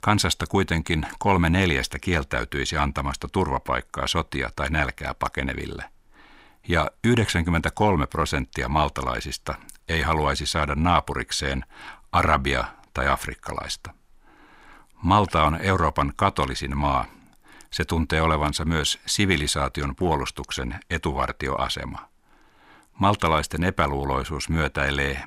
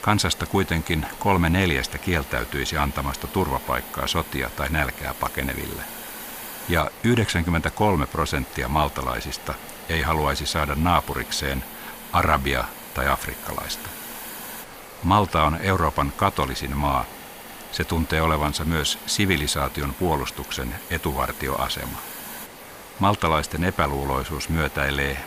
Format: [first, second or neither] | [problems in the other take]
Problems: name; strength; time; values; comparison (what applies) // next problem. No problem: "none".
first | hiss; noticeable; throughout; 15 dB below the speech